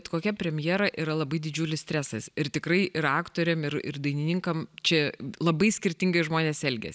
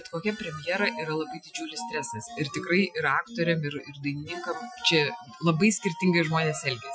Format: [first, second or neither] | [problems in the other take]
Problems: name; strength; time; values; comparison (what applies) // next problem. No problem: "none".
first | noise reduction (classical method Wiener filter)